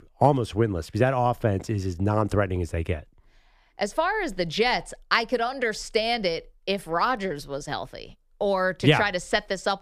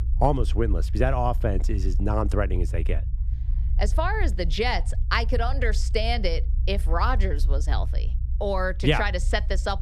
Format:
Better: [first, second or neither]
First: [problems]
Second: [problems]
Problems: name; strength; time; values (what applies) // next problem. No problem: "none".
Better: first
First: none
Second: low rumble; noticeable; throughout; 20 dB below the speech